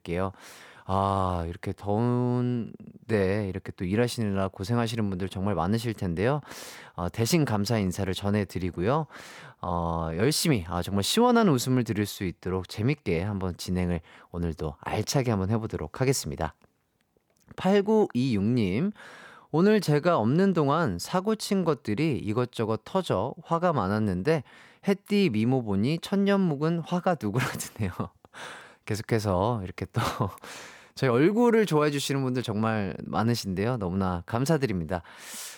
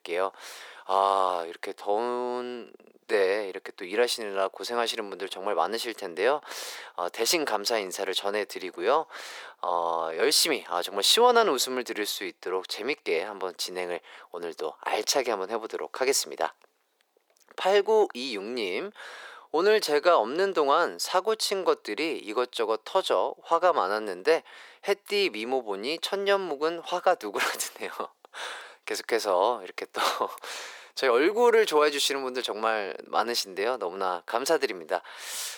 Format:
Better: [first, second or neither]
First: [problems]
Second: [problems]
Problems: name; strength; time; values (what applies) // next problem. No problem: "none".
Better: first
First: none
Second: thin; very; fading below 400 Hz